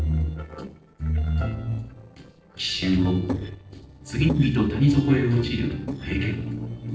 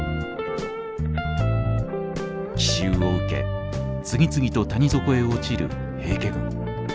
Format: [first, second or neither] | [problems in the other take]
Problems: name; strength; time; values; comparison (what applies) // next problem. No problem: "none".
second | noise reduction (neural separator model SepFormer DNS4)